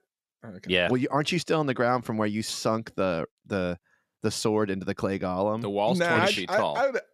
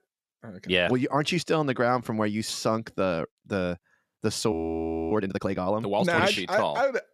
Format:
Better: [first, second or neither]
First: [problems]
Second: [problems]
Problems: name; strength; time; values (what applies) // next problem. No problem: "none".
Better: first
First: none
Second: audio freezing; at 4.5 s for 0.5 s